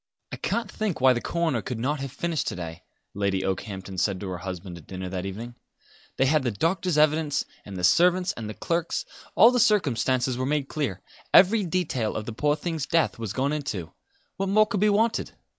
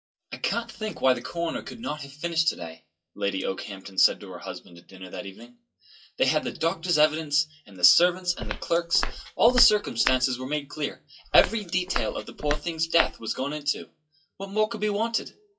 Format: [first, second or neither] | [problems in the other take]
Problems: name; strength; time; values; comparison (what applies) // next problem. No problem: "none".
first | noise reduction (classical method WPE with log-MMSE)